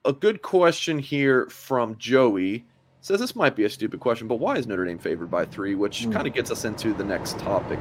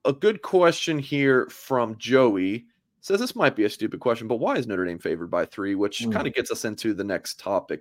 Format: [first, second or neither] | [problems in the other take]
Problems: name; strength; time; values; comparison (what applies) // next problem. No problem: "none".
second | train or aircraft noise; noticeable; throughout; 15 dB below the speech